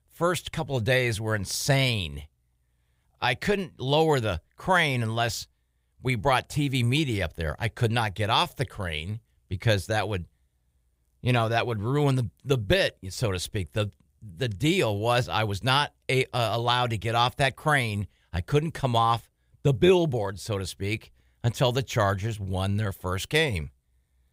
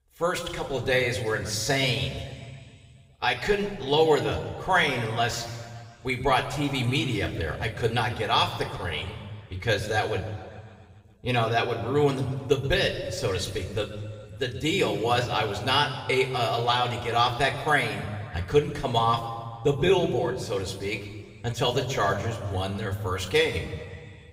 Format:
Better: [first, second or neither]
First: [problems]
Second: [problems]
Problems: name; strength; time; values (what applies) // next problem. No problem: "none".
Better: first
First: none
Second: room echo; slight; dies away in 1.8 s // off-mic speech; somewhat distant